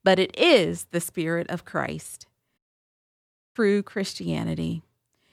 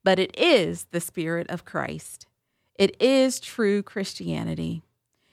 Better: second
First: audio cutting out; at 2.5 s for 1 s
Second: none

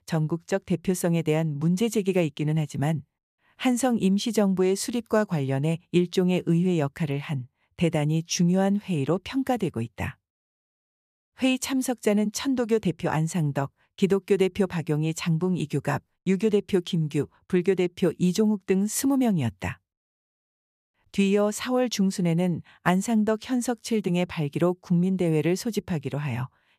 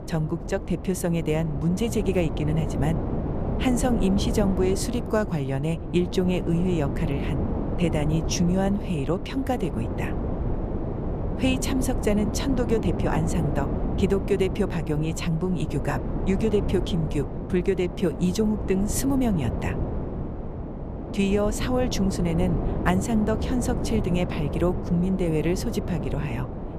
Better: first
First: none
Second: wind noise on the microphone; heavy; 6 dB below the speech

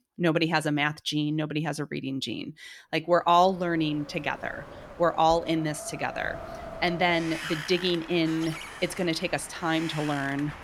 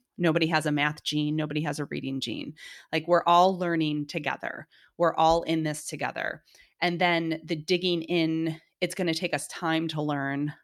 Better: second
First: wind in the background; noticeable; from 3.5 s on; 15 dB below the speech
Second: none

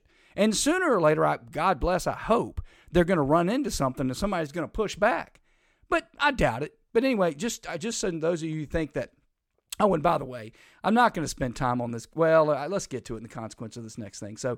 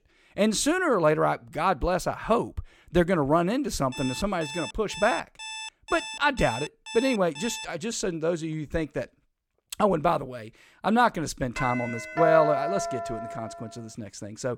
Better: first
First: none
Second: alarm; noticeable; from 4 to 7.5 s; peak 9 dB below the speech // doorbell; loud; from 12 to 14 s; peak 1 dB above the speech

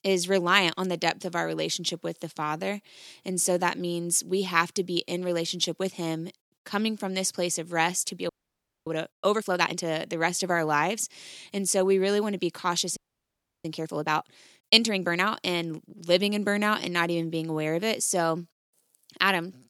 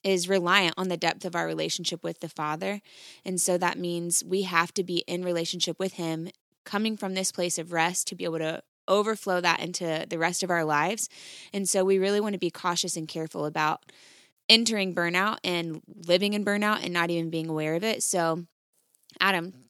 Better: second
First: audio freezing; at 8.5 s for 0.5 s and at 13 s for 0.5 s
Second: none

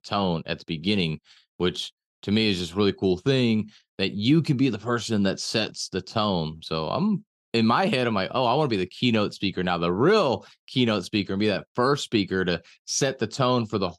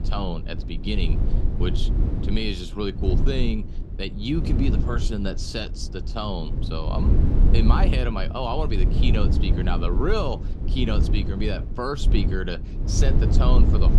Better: first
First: none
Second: low rumble; loud; throughout; 6 dB below the speech

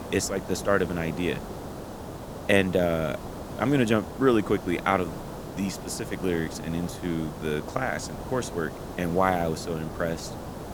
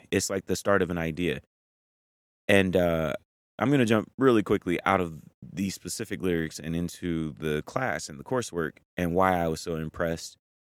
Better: second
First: hiss; noticeable; throughout; 10 dB below the speech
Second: none

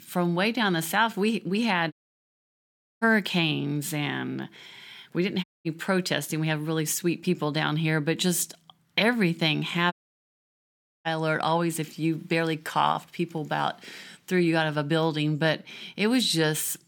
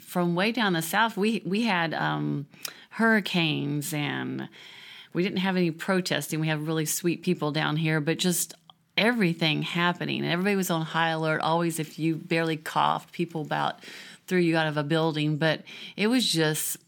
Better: second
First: audio cutting out; at 2 s for 1 s, at 5.5 s and at 10 s for 1 s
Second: none

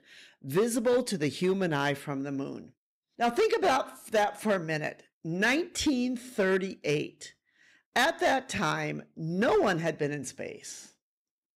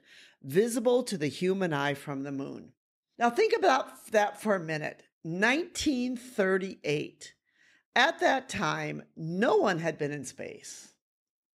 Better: second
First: distortion; slight; 4% of the sound clipped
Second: none

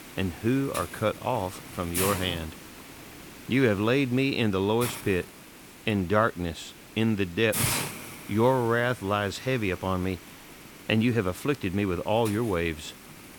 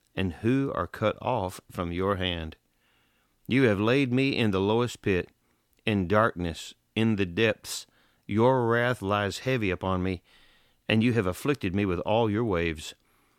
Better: second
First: hiss; noticeable; throughout; 10 dB below the speech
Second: none

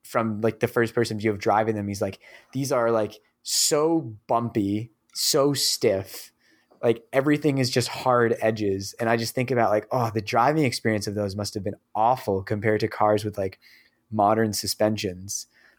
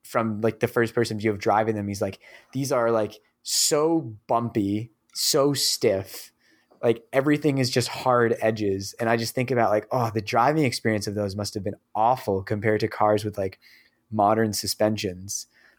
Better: neither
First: none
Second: none

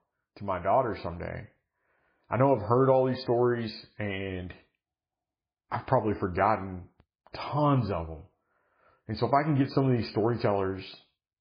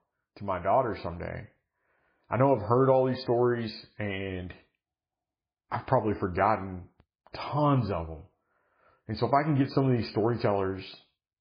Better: neither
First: garbled, watery; badly; nothing above 4.5 kHz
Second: garbled, watery; badly; nothing above 4.5 kHz

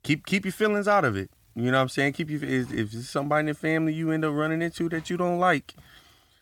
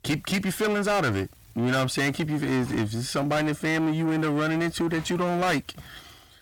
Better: first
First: none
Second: distortion; heavy; 6 dB below the speech

